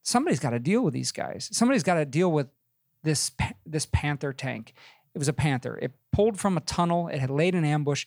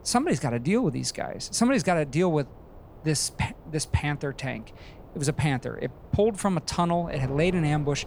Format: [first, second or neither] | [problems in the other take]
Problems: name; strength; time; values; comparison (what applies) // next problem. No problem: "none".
first | wind noise on the microphone; occasional gusts; 20 dB below the speech